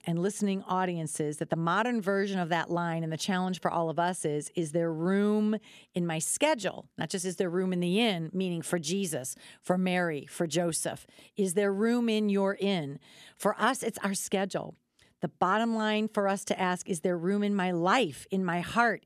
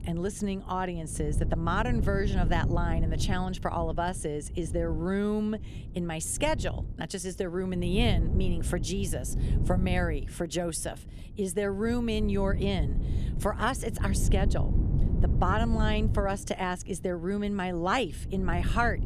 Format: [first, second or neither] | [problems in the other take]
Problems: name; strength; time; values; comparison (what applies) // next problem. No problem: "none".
first | wind noise on the microphone; occasional gusts; 10 dB below the speech